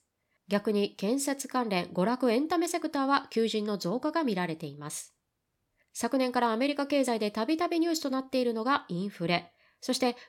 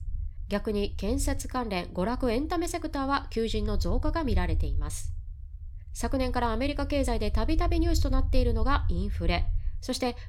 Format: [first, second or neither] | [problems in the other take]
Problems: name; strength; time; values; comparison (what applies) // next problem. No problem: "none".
first | low rumble; faint; throughout; 20 dB below the speech